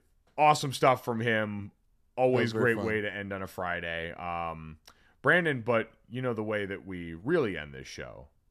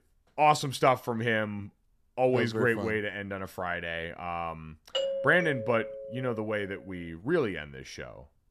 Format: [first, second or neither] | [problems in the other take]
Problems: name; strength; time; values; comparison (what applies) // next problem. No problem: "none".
first | doorbell; noticeable; from 5 to 6.5 s; peak 2 dB below the speech